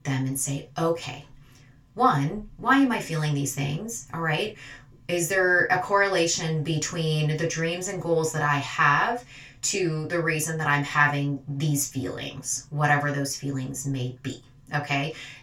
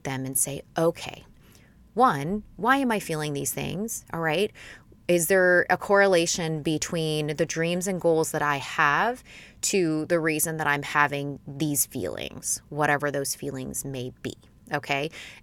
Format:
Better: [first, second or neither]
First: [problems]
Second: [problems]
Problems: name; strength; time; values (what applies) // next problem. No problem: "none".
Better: second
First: room echo; slight; dies away in 0.2 s // off-mic speech; far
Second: none